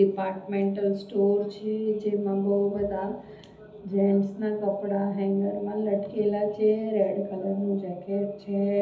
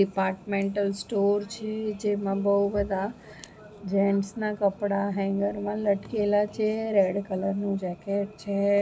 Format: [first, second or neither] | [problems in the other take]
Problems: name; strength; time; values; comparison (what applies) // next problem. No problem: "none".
second | room echo; dies away in 1.2 s